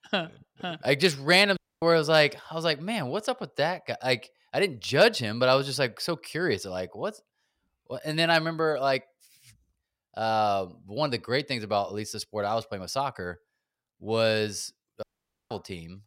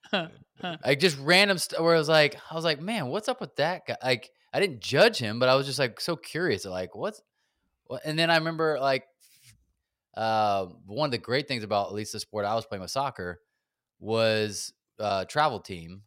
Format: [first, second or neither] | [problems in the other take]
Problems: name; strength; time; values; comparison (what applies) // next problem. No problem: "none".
second | audio cutting out; at 1.5 s and at 15 s